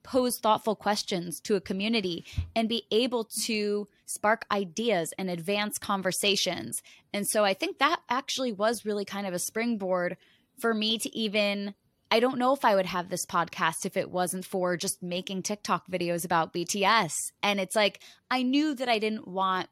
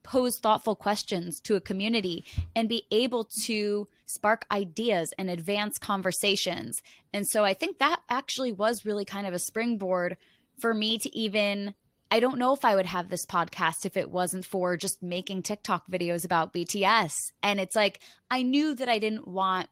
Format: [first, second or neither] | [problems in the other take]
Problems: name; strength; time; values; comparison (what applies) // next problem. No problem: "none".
first | garbled, watery; slightly; nothing above 16 kHz